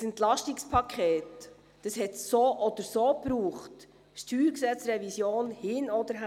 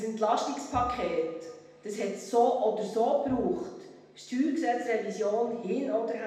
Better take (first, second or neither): first